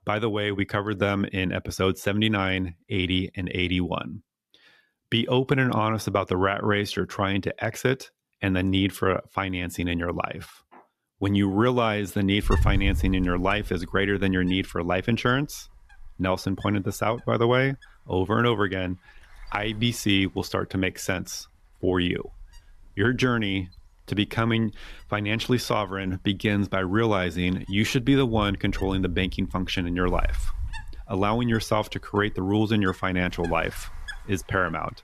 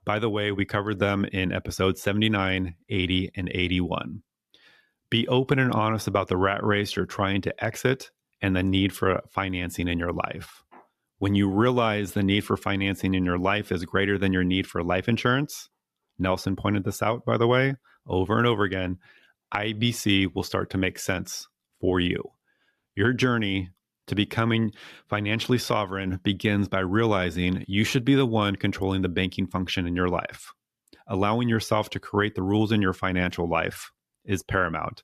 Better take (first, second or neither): second